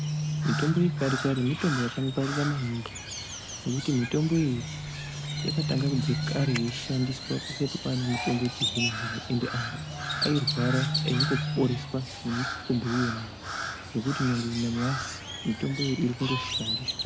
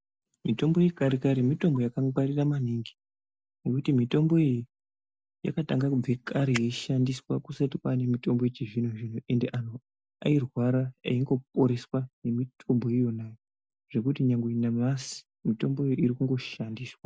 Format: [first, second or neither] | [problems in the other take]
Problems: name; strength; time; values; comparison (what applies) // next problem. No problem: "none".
second | background sound (Crow); 3 dB below the speech